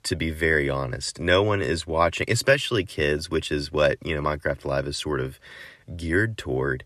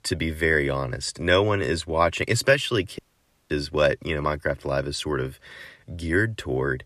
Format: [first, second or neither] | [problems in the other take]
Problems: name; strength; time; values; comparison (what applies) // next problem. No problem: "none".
first | audio cutting out; at 3 s for 0.5 s